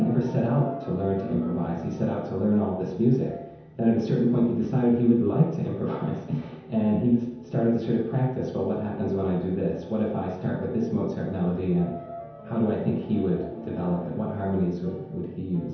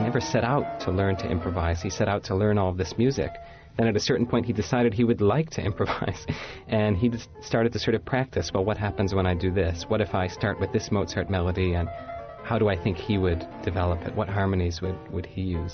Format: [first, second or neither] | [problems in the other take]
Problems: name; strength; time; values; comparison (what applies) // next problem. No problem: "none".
second | room echo; dies away in 0.9 s